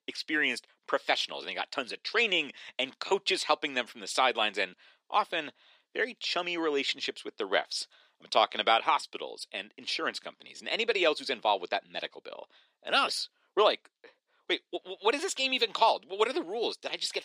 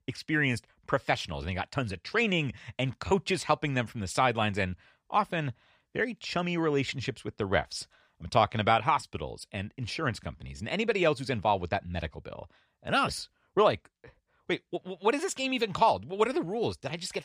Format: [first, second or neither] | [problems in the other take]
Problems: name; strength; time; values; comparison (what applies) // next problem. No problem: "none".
second | thin; somewhat; fading below 300 Hz